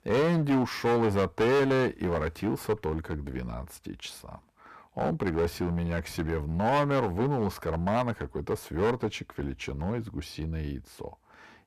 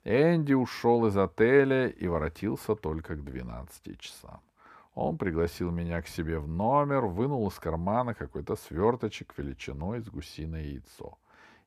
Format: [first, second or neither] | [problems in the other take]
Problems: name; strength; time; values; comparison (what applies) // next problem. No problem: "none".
second | distortion; heavy; 9% of the sound clipped